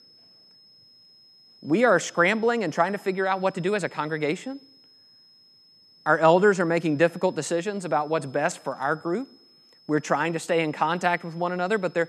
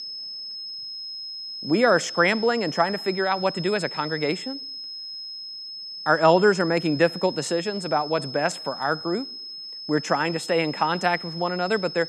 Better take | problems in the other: first | high-pitched whine; loud; throughout; 5 kHz, 10 dB below the speech; faint in the first

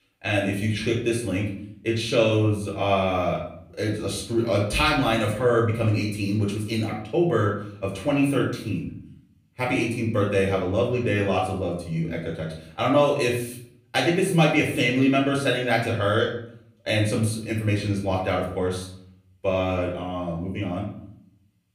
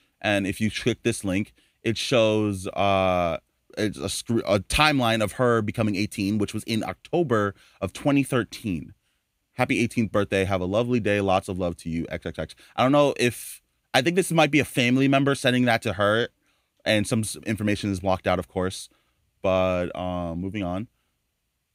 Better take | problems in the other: second | off-mic speech; far // room echo; slight; dies away in 0.6 s

